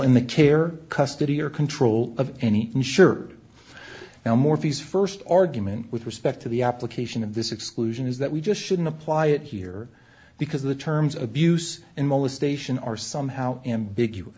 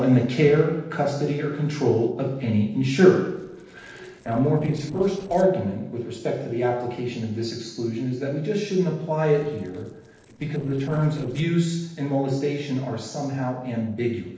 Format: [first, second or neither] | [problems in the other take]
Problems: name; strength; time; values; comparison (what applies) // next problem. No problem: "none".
first | noise reduction (neural separator model SepFormer DNS4)